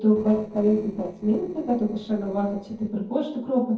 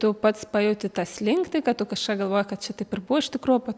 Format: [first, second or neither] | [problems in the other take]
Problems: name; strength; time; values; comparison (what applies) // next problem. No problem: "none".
second | noise reduction (neural separator model SepFormer DNS4)